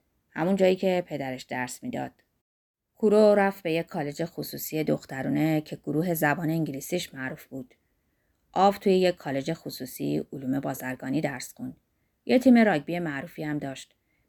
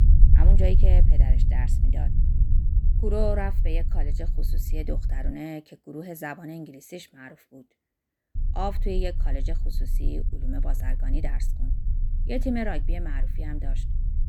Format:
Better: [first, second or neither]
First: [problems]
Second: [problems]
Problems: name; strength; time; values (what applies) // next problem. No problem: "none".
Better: first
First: none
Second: low rumble; loud; until 5.5 s and from 8.5 s on; 9 dB below the speech